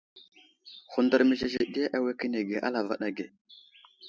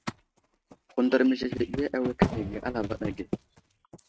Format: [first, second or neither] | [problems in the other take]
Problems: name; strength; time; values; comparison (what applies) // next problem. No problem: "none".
first | noise reduction (neural mask model RNNoise)